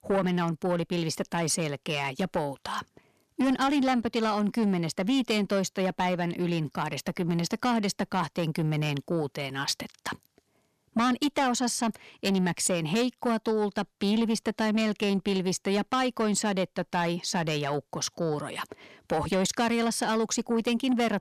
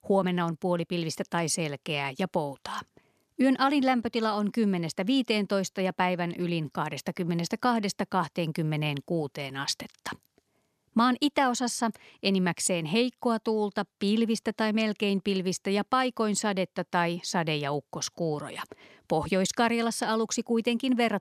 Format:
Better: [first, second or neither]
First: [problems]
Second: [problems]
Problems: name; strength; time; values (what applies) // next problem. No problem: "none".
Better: second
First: distortion; slight; 10 dB below the speech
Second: none